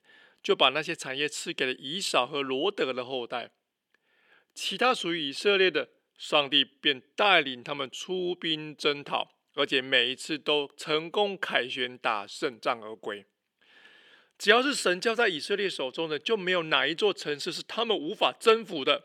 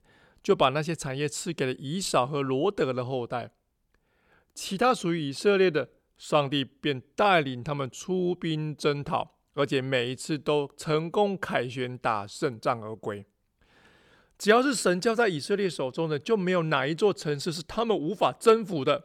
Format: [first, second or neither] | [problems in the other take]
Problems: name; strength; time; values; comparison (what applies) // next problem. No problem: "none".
second | thin; very slightly; fading below 300 Hz